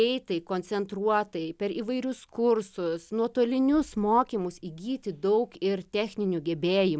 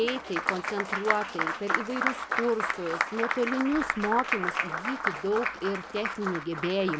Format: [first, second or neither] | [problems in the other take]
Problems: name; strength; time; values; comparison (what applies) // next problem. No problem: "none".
first | background sound (Applause); 1 dB below the speech